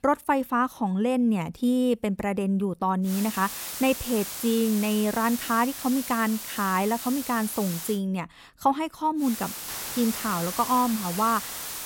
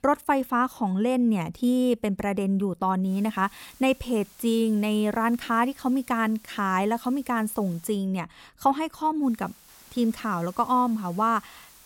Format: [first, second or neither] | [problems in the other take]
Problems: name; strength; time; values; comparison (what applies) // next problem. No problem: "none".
second | hiss; loud; from 3 to 8 s and from 9 s on; 7 dB below the speech; faint in the second